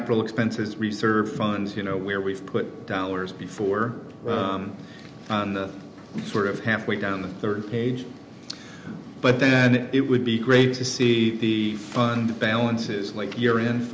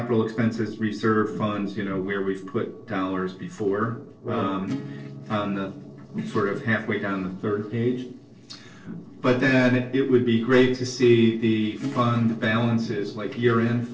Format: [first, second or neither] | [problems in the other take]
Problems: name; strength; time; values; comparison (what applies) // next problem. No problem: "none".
first | noise reduction (neural separator model SepFormer DNS4)